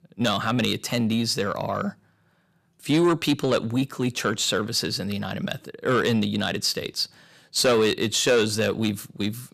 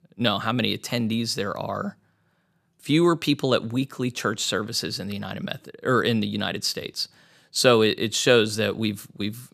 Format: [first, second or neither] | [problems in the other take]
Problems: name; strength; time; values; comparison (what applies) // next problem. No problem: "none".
second | distortion; slight; 10 dB below the speech